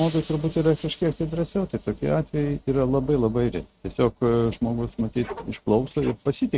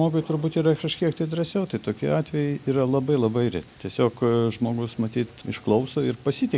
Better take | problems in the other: second | noise reduction (neural mask model RNNoise)

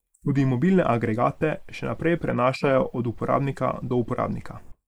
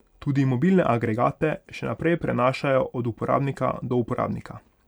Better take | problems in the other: second | noise reduction (neural mask model Resemble Enhance denoiser)

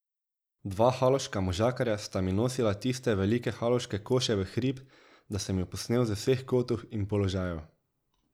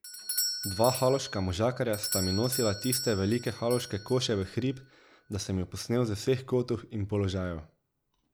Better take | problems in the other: first | background sound (Doorbell); 9 dB below the speech

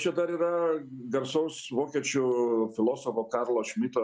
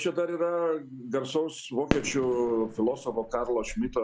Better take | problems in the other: first | background sound (Fireworks); 7 dB below the speech

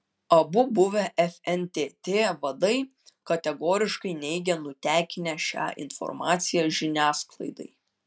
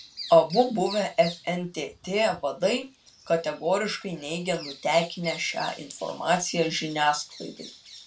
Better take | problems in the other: first | background sound (Bird vocalization, bird call, bird song); 18 dB below the speech // room echo; dies away in 0.2 s

